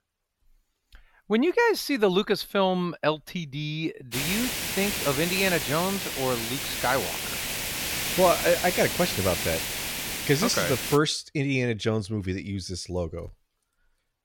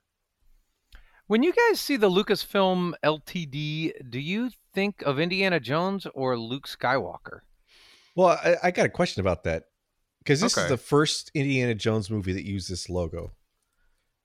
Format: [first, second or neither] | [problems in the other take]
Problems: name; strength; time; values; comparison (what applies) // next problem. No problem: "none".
second | hiss; loud; from 4 to 11 s; 2 dB below the speech